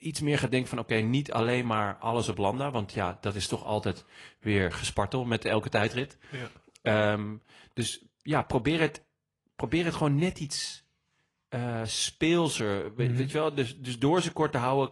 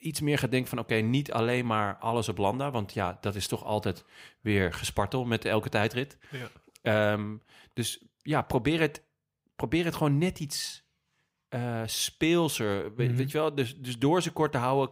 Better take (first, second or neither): second